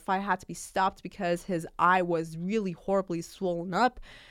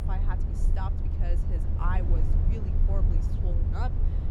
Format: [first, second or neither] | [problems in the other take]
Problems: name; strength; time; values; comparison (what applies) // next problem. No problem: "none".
first | low rumble; loud; throughout; 3 dB below the speech